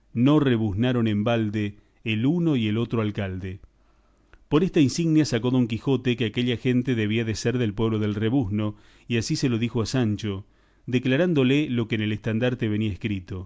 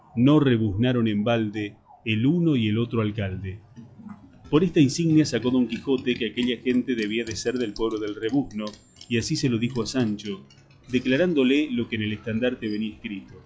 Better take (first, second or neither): first